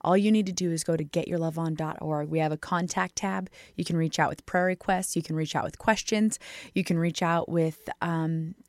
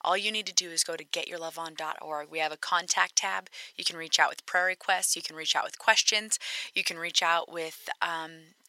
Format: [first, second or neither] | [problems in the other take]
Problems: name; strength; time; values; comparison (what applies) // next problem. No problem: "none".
first | thin; very; fading below 1 kHz